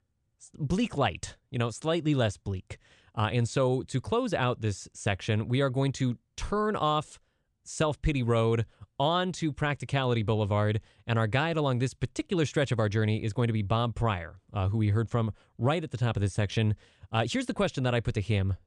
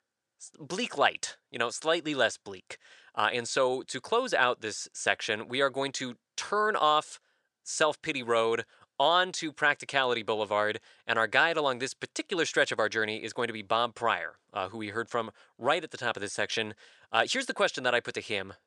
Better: first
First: none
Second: thin; very; fading below 500 Hz

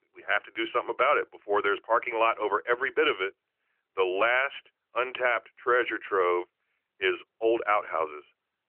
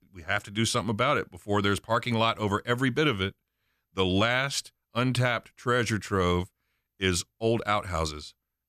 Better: second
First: phone-call audio; nothing above 3 kHz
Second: none

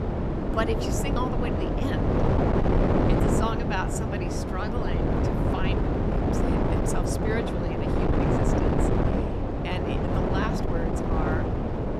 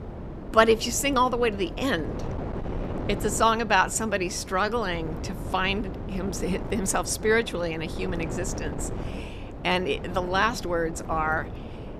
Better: second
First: wind noise on the microphone; heavy; 4 dB above the speech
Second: wind noise on the microphone; occasional gusts; 15 dB below the speech

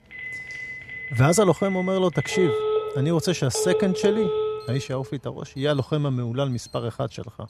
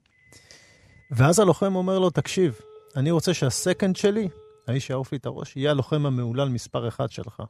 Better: second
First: alarms or sirens; loud; throughout; 5 dB below the speech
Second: alarms or sirens; faint; throughout; 30 dB below the speech

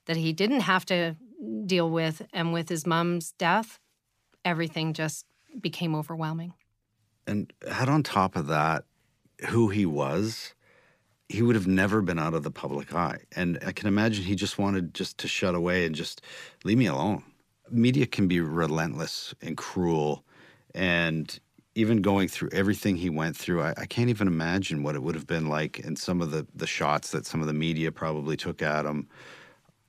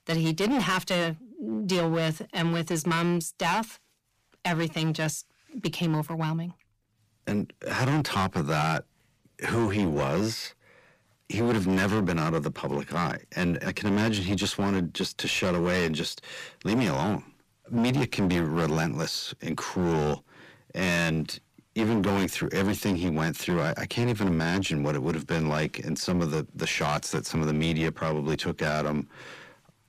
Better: first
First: none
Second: distortion; heavy; 13% of the sound clipped

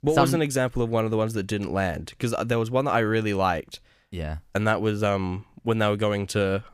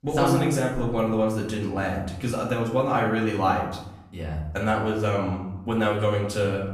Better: first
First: none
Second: off-mic speech; far // room echo; noticeable; dies away in 0.7 s

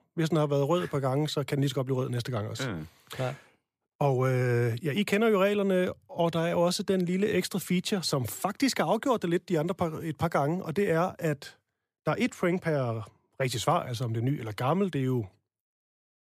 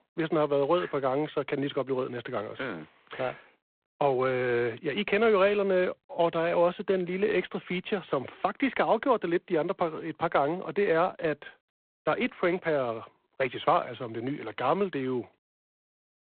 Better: first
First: none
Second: phone-call audio; poor line; nothing above 4 kHz

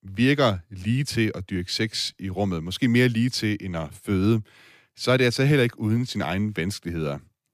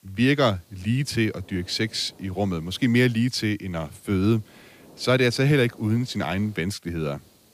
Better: first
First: none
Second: hiss; faint; throughout; 30 dB below the speech

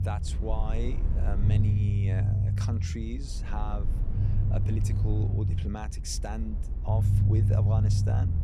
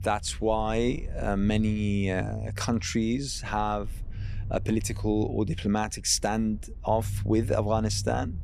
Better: second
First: low rumble; loud; throughout; 1 dB below the speech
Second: low rumble; faint; throughout; 20 dB below the speech

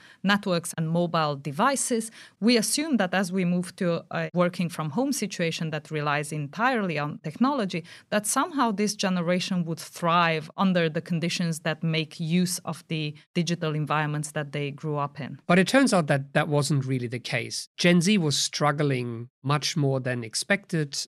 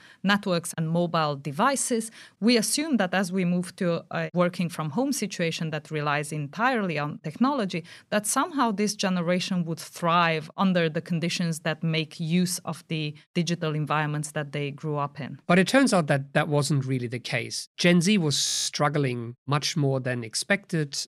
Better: first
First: none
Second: audio freezing; at 18 s

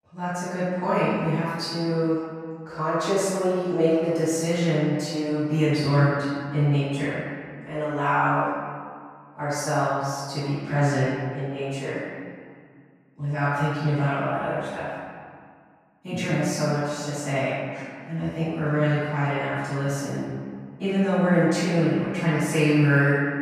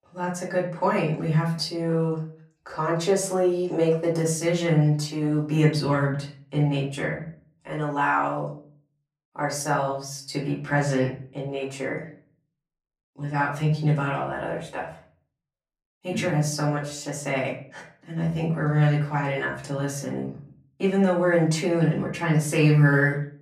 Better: second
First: room echo; strong; dies away in 1.9 s // off-mic speech; far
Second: room echo; slight; dies away in 0.4 s // off-mic speech; far

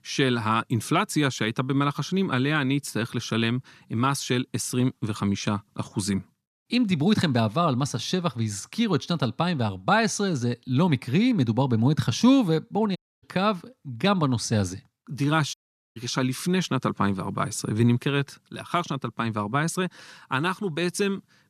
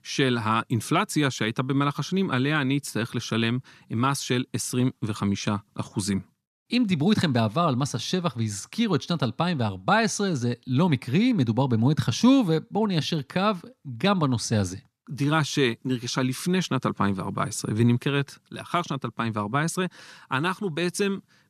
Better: second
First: audio cutting out; at 13 s and at 16 s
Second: none

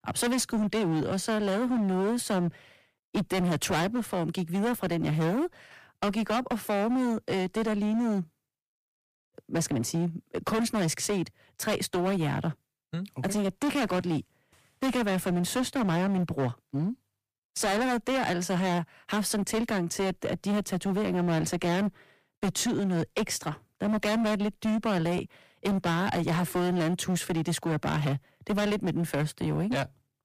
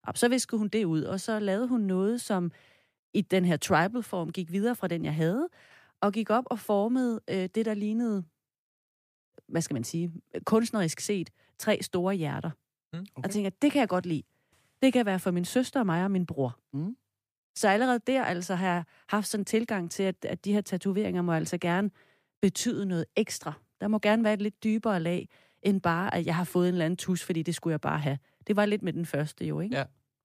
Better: second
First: distortion; heavy; 23% of the sound clipped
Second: none

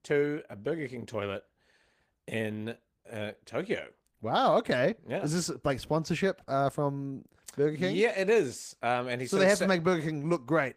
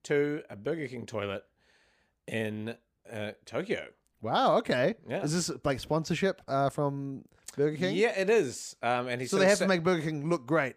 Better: second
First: garbled, watery; slightly; nothing above 15 kHz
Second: none

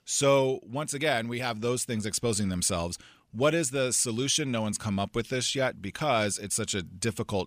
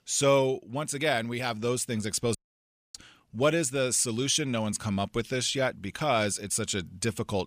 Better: first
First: none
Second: audio cutting out; at 2.5 s for 0.5 s

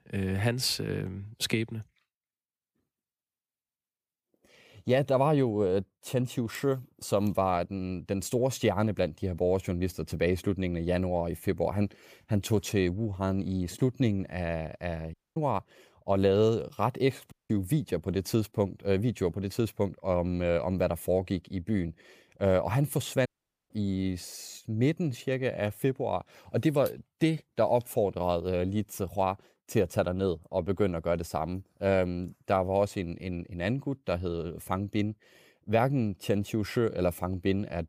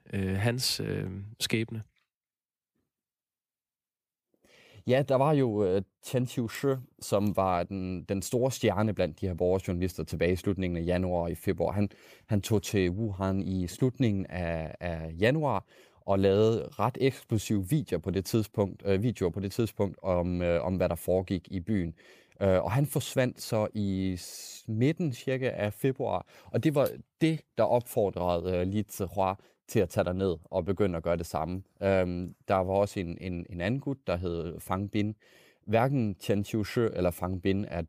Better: second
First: audio cutting out; at 15 s, at 17 s and at 23 s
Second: none

